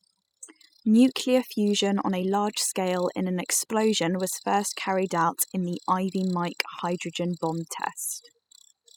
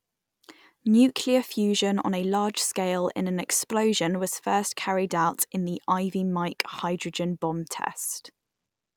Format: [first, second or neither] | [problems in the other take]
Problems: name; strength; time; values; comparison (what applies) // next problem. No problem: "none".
second | noise reduction (classical method spectral subtraction)